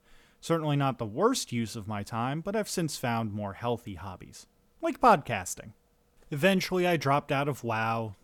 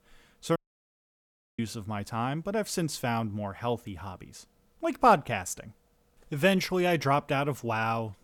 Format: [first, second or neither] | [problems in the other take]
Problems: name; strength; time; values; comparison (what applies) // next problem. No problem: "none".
first | audio cutting out; at 0.5 s for 1 s